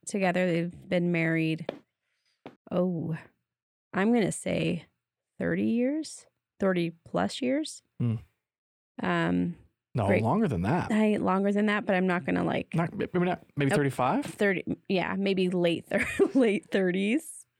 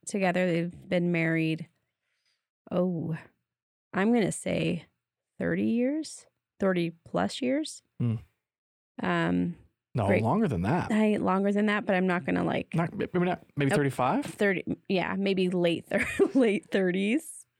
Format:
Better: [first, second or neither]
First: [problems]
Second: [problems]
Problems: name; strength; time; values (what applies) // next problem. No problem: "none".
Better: second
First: footsteps; faint; at 1.5 s; peak 15 dB below the speech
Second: none